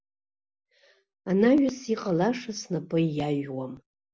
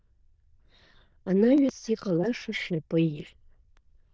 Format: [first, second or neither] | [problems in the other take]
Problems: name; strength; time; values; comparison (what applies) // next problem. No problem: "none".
first | noise reduction (neural diffusion model UNIVERSE++)